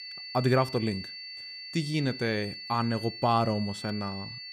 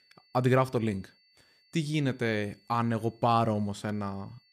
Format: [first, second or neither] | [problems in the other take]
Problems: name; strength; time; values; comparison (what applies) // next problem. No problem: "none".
second | high-pitched whine; loud; throughout; 4.5 kHz, 10 dB below the speech; faint in the second